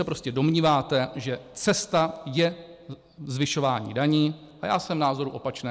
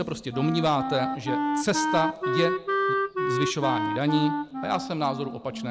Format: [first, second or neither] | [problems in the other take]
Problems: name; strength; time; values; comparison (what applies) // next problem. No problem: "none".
first | background sound (Wind instrument, woodwind instrument); as loud as the speech